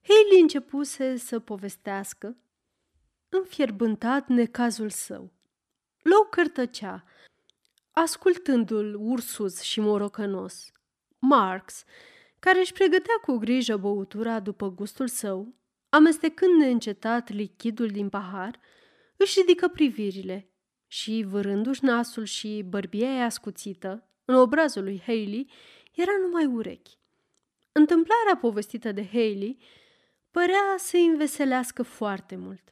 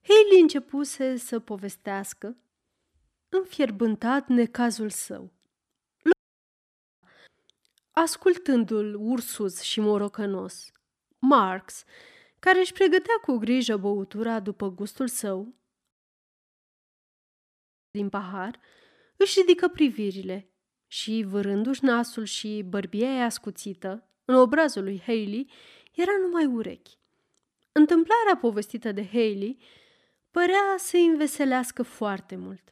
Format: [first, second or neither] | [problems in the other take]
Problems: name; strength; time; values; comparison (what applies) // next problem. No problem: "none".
first | audio cutting out; at 6 s for 1 s and at 16 s for 2 s